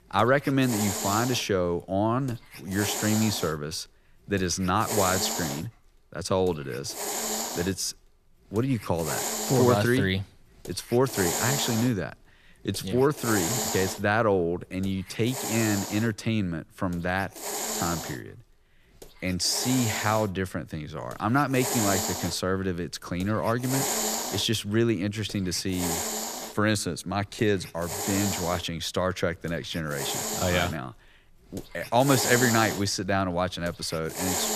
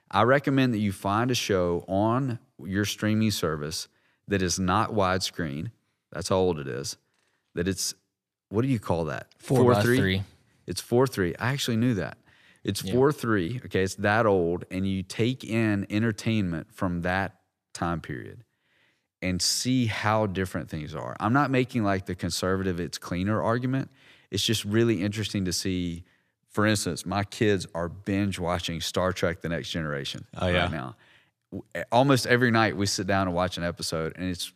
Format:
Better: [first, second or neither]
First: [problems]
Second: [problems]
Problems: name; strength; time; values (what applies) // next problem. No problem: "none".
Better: second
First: hiss; loud; throughout; 3 dB below the speech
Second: none